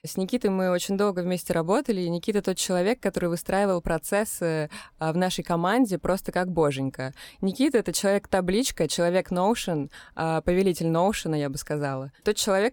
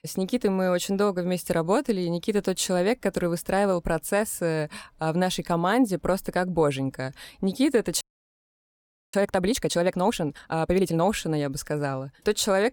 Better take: first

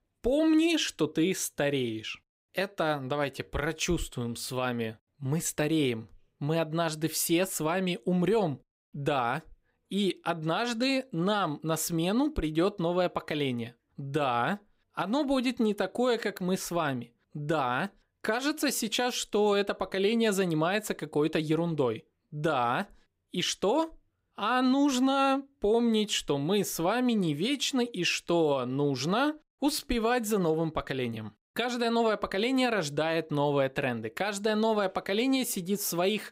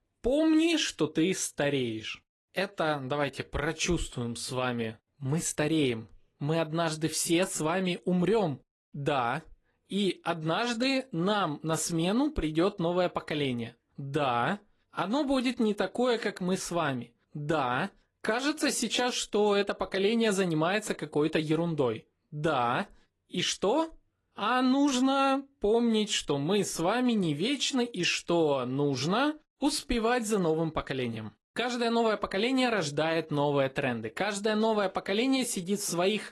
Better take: first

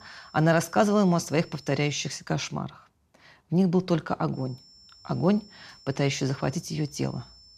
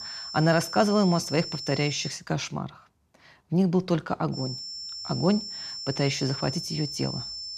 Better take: first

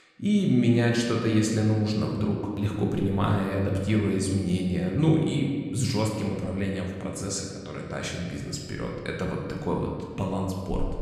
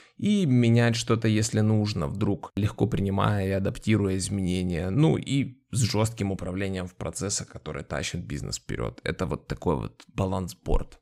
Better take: second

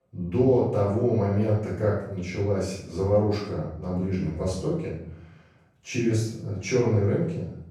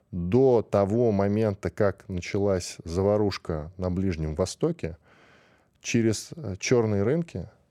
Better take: second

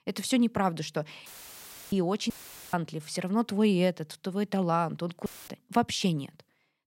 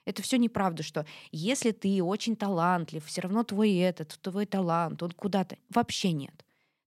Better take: second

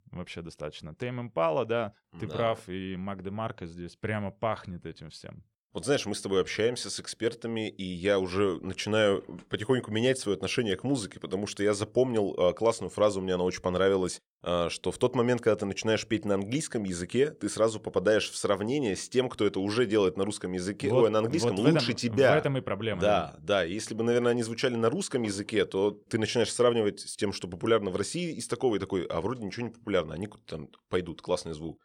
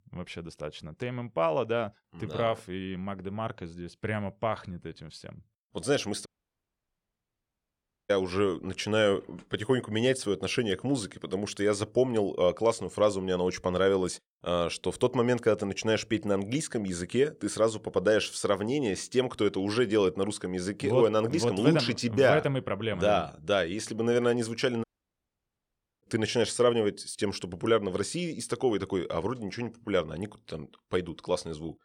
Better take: first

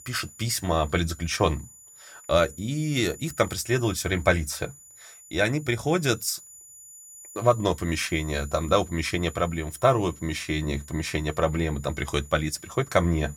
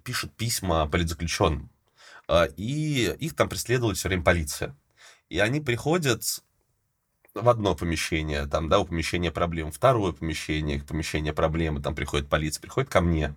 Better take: second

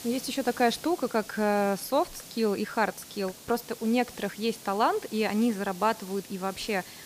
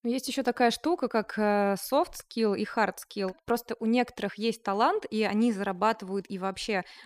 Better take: second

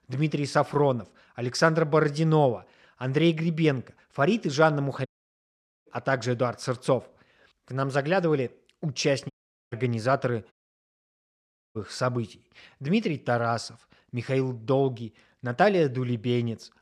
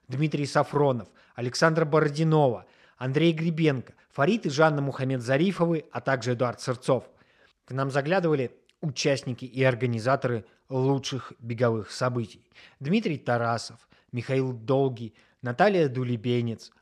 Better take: second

